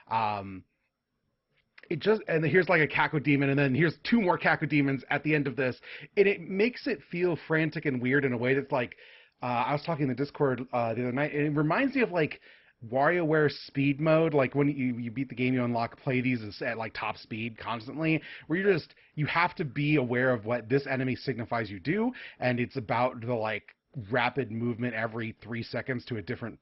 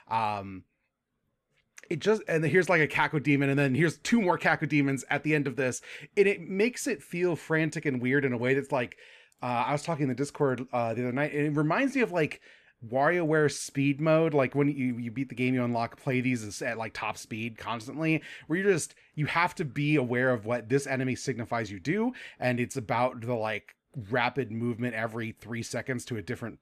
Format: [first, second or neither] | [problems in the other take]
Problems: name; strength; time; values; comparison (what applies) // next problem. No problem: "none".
second | garbled, watery; badly; nothing above 5.5 kHz